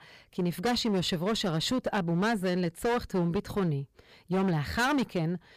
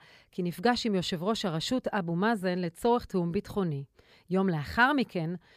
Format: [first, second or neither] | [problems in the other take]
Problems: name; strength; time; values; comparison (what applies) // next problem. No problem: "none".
second | distortion; heavy; 15% of the sound clipped